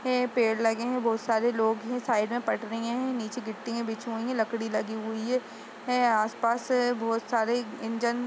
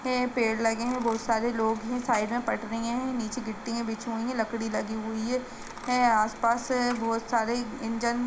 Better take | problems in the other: first | background sound (Coin (dropping)); 18 dB below the speech // room echo; dies away in 0.4 s

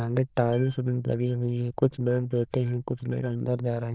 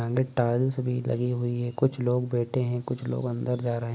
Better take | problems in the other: second | noise reduction (neural diffusion model UNIVERSE++)

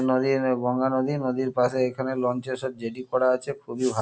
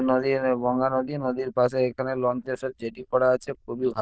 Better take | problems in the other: first | noise reduction (neural diffusion model UNIVERSE++)

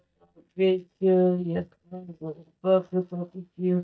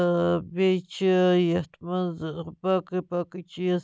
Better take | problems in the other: second | noise reduction (neural mask model DeepFilterNet 3)

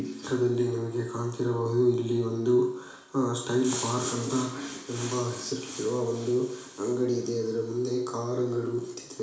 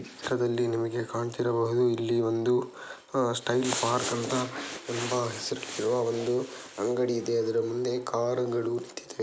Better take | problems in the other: second | room echo; dies away in 0.7 s

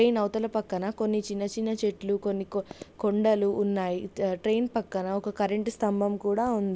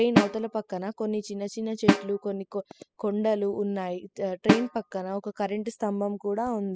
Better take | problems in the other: first | noise reduction (classical method spectral subtraction)

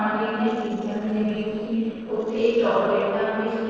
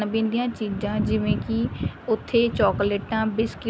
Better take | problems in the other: second | noise reduction (neural separator model SepFormer DNS4)

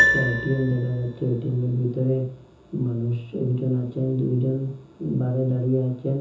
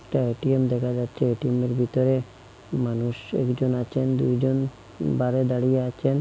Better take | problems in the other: second | background sound (Piano); 6 dB below the speech // room echo; dies away in 0.6 s

